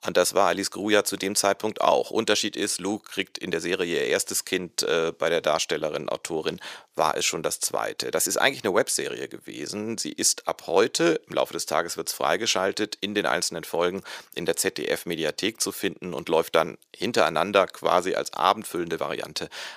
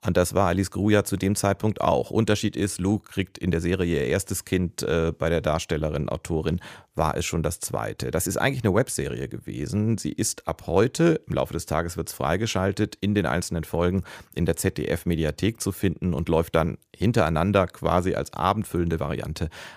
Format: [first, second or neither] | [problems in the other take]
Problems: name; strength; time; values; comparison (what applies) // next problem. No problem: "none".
second | thin; somewhat; fading below 400 Hz